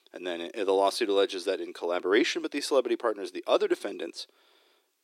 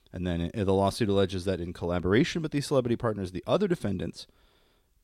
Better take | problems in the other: second | thin; somewhat; fading below 300 Hz

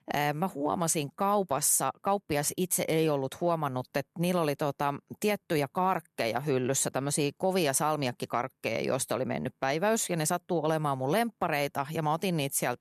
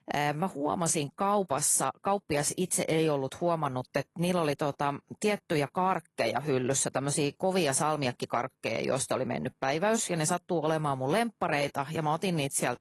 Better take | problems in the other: first | garbled, watery; slightly; nothing above 11.5 kHz

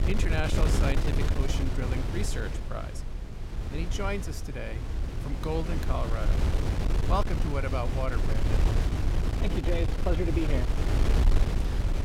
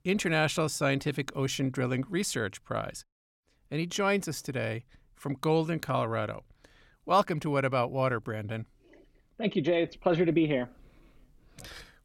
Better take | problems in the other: second | wind noise on the microphone; heavy; 3 dB below the speech

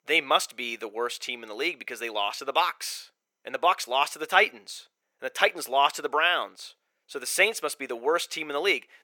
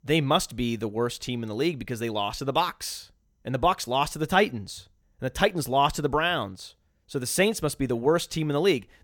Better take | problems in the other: second | thin; very; fading below 450 Hz

